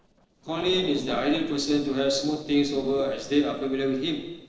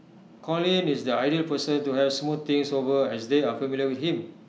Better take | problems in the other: second | noise reduction (neural separator model SepFormer DNS4)

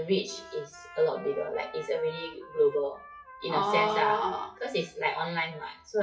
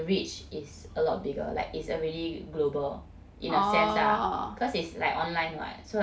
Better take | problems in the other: second | noise reduction (classical method WPE with log-MMSE)

